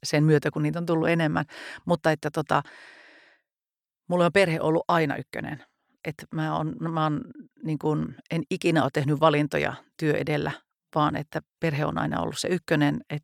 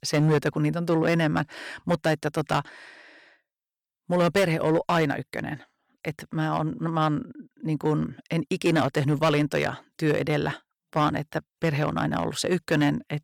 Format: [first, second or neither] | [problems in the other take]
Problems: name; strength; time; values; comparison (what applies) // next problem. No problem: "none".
first | distortion; slight; 4% of the sound clipped